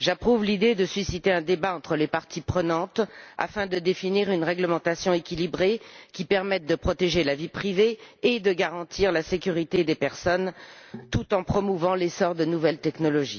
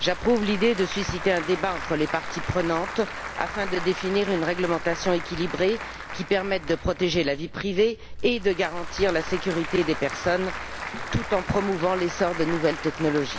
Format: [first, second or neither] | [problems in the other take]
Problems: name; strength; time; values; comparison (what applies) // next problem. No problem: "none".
first | background sound (Applause / Crowd); 8 dB below the speech